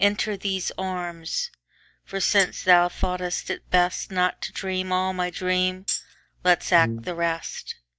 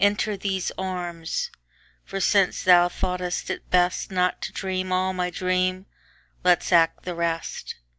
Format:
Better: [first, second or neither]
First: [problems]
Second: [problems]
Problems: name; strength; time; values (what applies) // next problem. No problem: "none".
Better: second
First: noise reduction (neural mask model DeepFilterNet 3)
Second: none